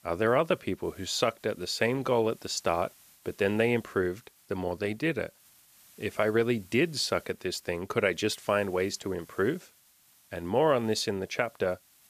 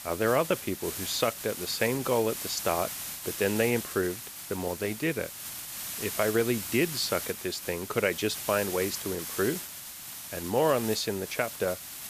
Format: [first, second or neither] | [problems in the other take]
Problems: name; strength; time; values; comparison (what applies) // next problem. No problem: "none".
first | hiss; loud; throughout; 6 dB below the speech; faint in the first